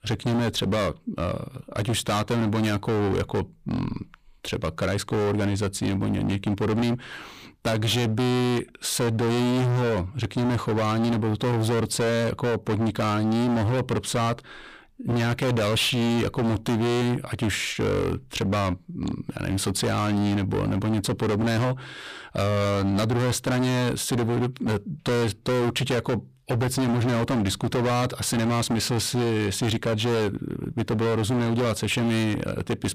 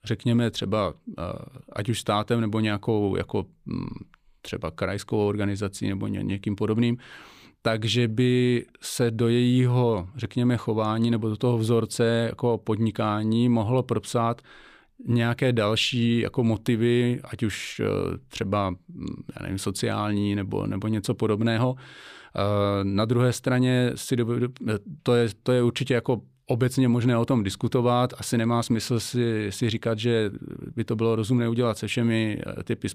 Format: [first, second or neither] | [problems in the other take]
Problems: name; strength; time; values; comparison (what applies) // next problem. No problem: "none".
second | distortion; heavy; 32% of the sound clipped